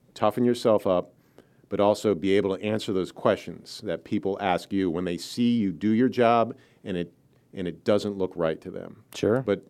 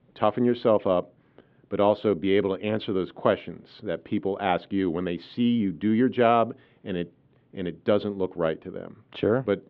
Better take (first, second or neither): first